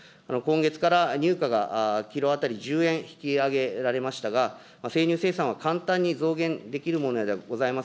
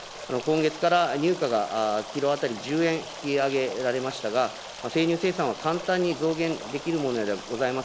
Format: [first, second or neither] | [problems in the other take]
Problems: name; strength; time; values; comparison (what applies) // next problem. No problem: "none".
first | background sound (Stream); 13 dB below the speech